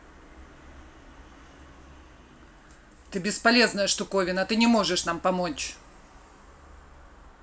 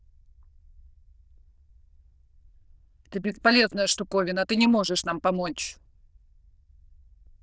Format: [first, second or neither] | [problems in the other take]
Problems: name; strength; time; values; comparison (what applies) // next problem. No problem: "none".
first | noise reduction (neural diffusion model UNIVERSE++)